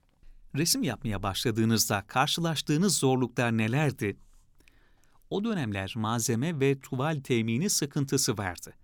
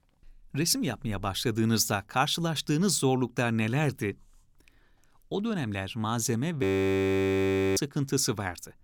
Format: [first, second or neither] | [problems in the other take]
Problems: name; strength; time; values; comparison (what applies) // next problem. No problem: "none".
first | audio freezing; at 6.5 s for 1 s